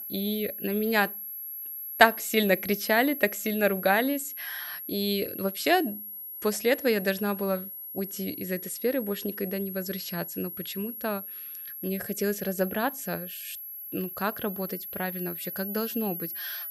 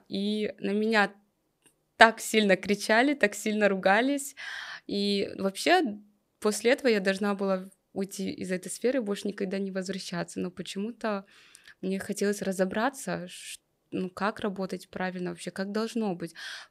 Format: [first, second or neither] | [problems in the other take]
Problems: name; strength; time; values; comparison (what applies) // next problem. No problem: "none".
second | high-pitched whine; loud; throughout; 11.5 kHz, 7 dB below the speech